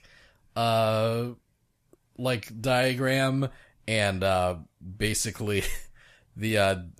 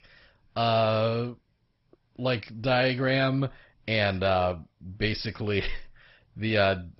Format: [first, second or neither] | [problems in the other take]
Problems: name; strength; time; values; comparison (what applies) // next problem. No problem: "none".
first | garbled, watery; badly; nothing above 5.5 kHz